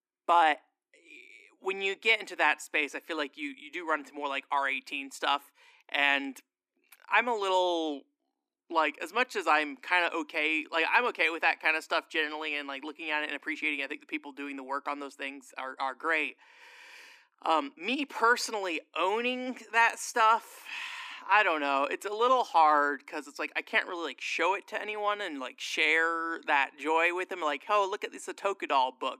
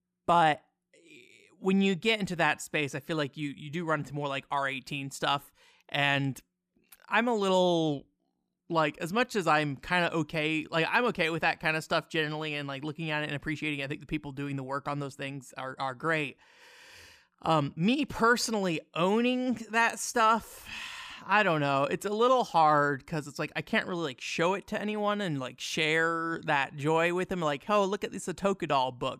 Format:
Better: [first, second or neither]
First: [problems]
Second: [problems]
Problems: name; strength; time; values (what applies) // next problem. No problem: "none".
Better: second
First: thin; somewhat; fading below 250 Hz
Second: none